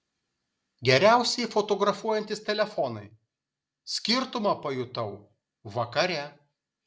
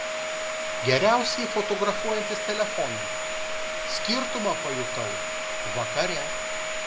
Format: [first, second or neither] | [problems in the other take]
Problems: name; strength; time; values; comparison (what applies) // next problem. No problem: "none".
first | background sound (Domestic sounds, home sounds); as loud as the speech